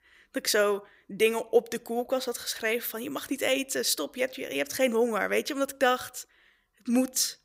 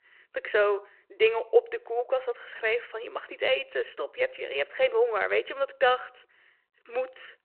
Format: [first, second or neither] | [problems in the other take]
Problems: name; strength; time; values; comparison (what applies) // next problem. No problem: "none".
first | phone-call audio; nothing above 4 kHz